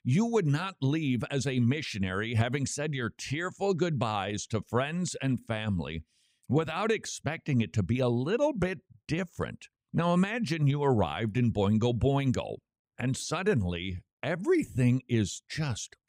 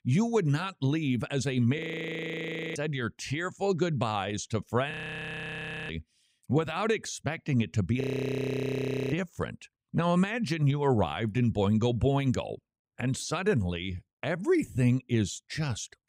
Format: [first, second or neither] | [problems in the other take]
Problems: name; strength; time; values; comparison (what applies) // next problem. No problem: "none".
first | audio freezing; at 2 s for 1 s, at 5 s for 1 s and at 8 s for 1 s